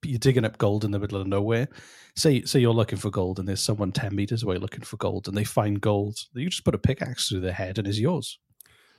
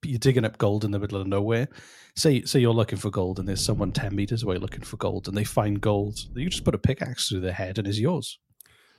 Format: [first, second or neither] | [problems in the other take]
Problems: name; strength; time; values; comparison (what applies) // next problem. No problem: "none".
first | low rumble; faint; from 3.5 to 6.5 s; 25 dB below the speech